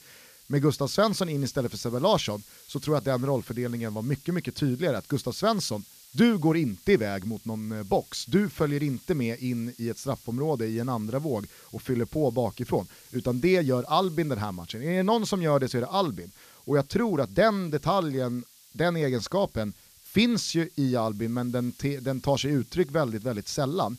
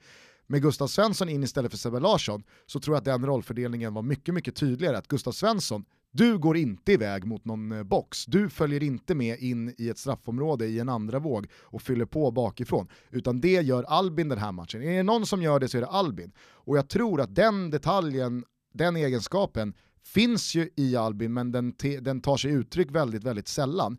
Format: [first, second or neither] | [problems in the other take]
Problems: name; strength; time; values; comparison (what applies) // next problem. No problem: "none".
second | hiss; faint; throughout; 25 dB below the speech